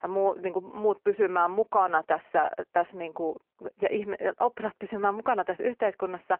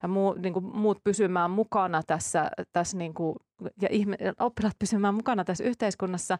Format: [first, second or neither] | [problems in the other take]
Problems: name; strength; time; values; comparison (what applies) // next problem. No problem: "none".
second | phone-call audio